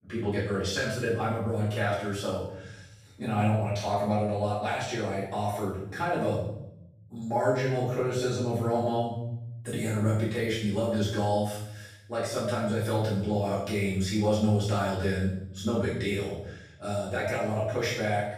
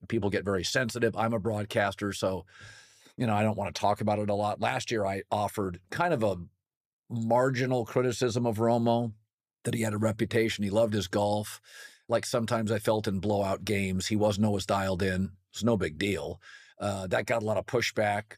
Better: second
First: room echo; noticeable; dies away in 0.8 s // off-mic speech; far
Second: none

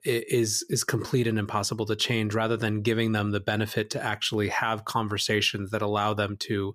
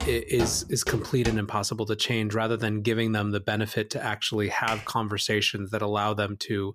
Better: first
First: none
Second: footsteps; noticeable; until 1.5 s; peak 6 dB below the speech // keyboard typing; noticeable; at 4.5 s; peak 9 dB below the speech

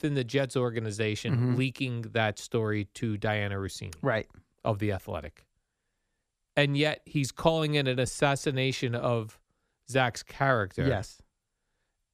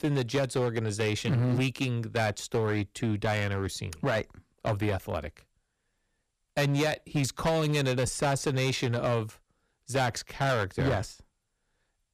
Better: first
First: none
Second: distortion; heavy; 9% of the sound clipped

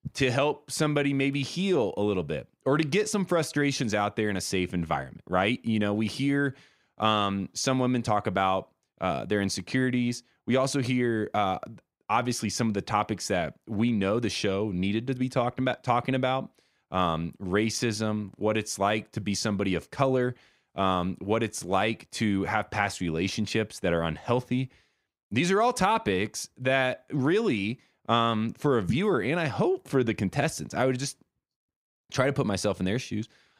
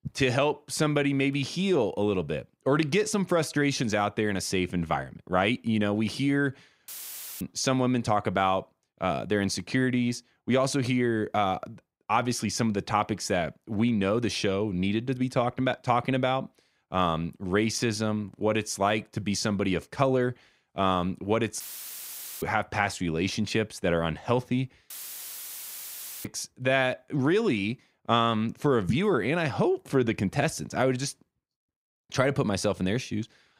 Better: first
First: none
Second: audio cutting out; filled with static; at 7 s for 0.5 s, at 22 s for 1 s and at 25 s for 1.5 s

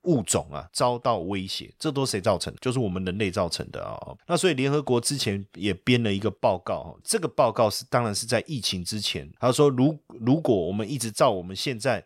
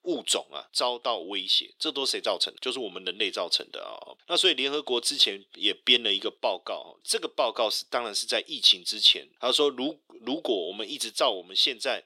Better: first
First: none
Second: thin; somewhat; fading below 350 Hz

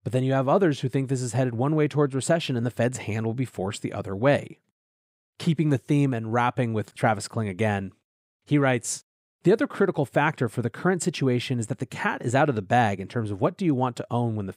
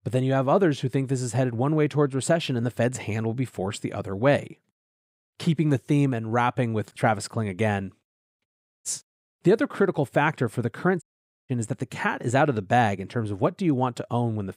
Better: first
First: none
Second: audio cutting out; at 8.5 s and at 11 s

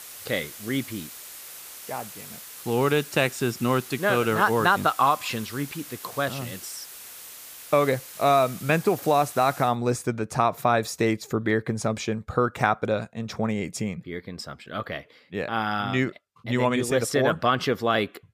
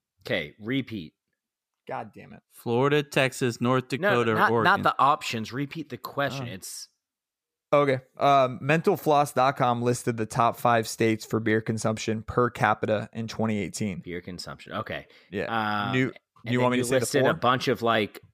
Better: second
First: hiss; noticeable; until 9.5 s; 15 dB below the speech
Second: none

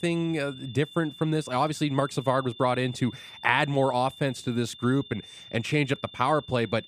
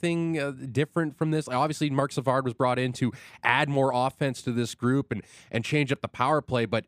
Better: second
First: high-pitched whine; noticeable; throughout; 3.5 kHz, 15 dB below the speech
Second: none

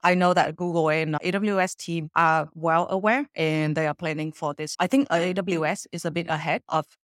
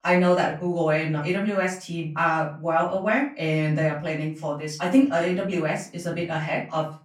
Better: first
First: none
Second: off-mic speech; far // room echo; slight; dies away in 0.3 s

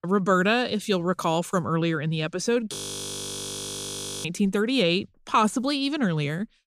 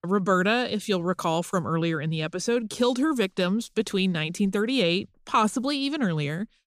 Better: second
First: audio freezing; at 3 s for 1.5 s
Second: none

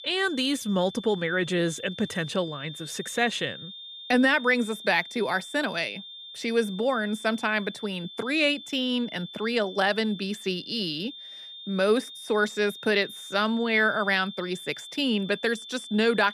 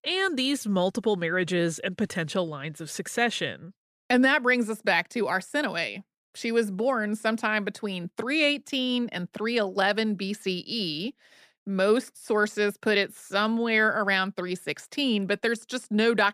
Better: second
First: high-pitched whine; noticeable; throughout; 3.5 kHz, 15 dB below the speech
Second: none

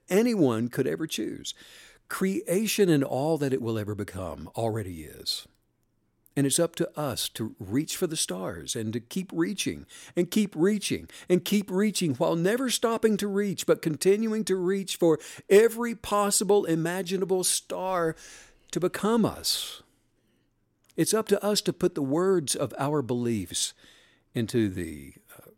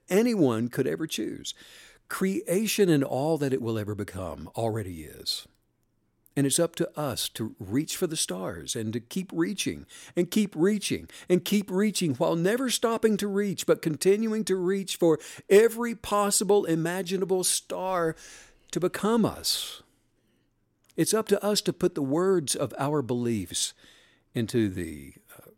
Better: neither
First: none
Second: none

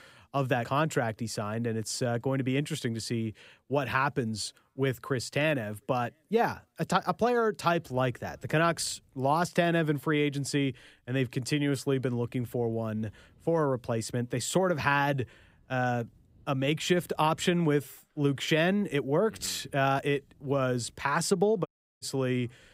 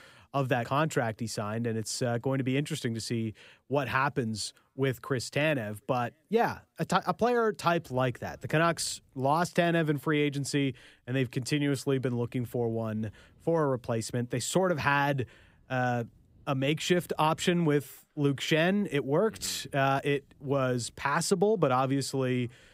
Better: second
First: audio cutting out; at 22 s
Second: none

